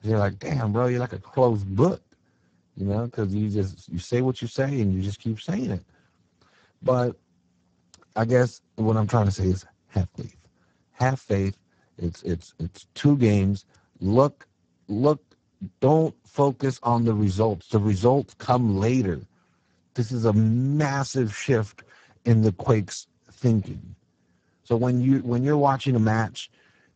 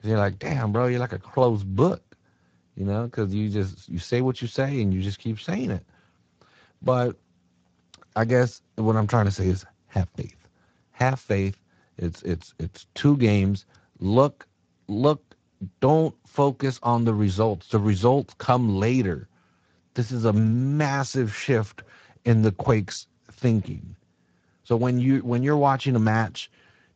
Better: second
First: garbled, watery; badly; nothing above 7.5 kHz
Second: garbled, watery; slightly; nothing above 7.5 kHz

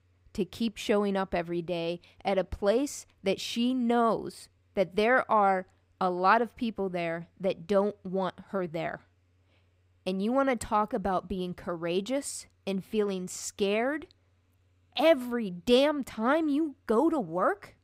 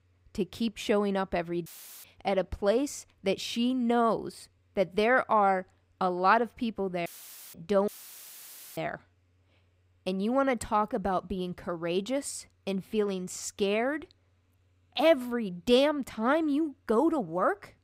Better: first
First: none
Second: audio cutting out; filled with static; at 1.5 s, at 7 s and at 8 s for 1 s

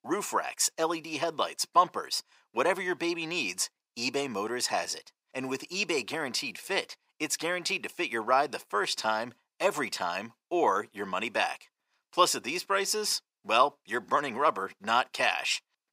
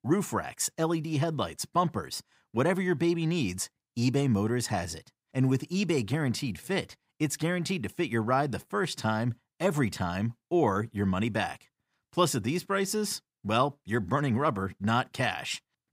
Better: second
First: thin; very; fading below 500 Hz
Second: none

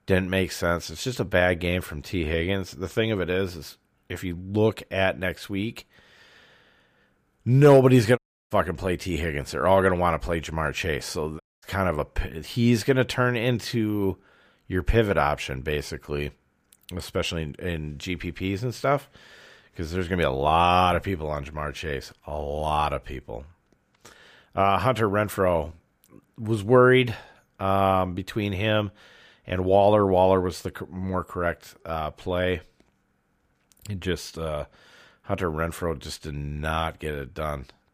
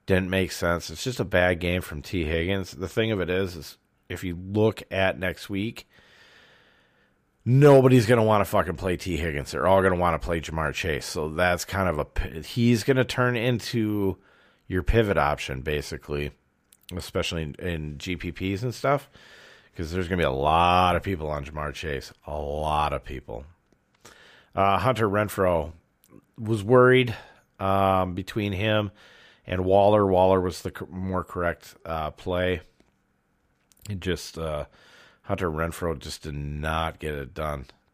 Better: second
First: audio cutting out; at 8 s and at 11 s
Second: none

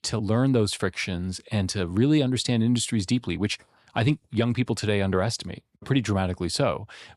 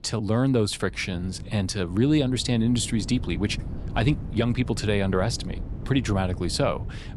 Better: first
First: none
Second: wind noise on the microphone; occasional gusts; 20 dB below the speech

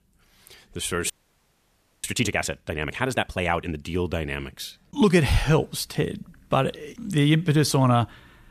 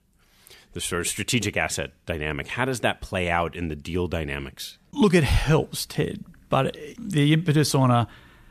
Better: second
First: audio freezing; at 1 s for 1 s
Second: none

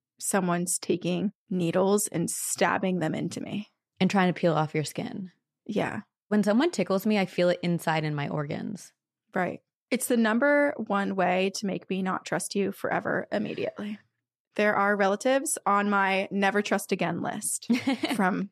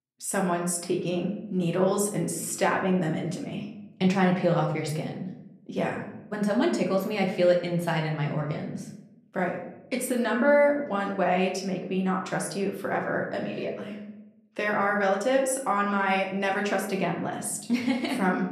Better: first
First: none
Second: room echo; slight; dies away in 0.7 s // off-mic speech; somewhat distant

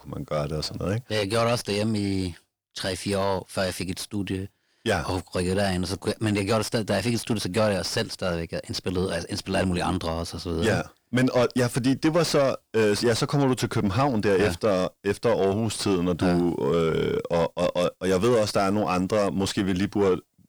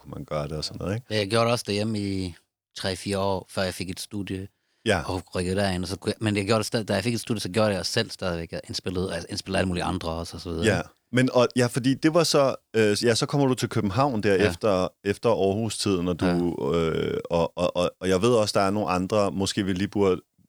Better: second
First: distortion; slight; 10 dB below the speech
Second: none

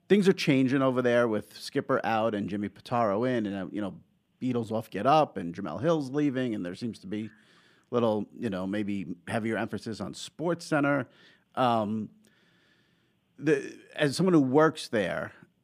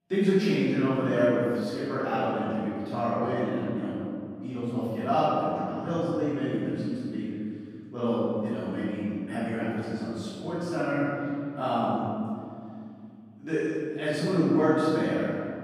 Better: first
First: none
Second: off-mic speech; far // room echo; strong; dies away in 2.4 s

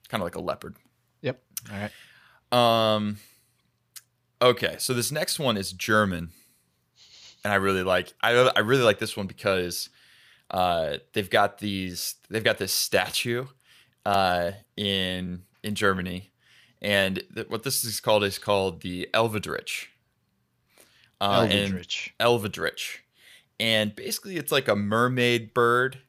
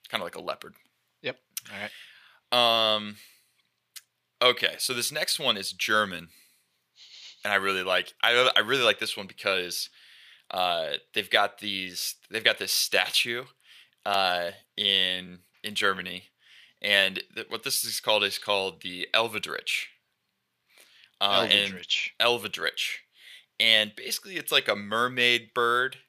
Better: first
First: none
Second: thin; somewhat; fading below 1 kHz

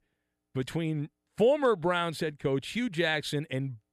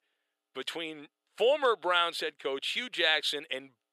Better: first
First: none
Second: thin; very; fading below 450 Hz

